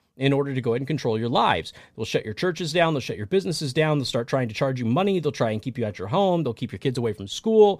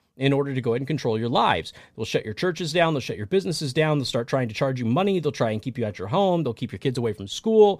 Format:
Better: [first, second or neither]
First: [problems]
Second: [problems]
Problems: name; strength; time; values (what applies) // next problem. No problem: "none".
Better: neither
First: none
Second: none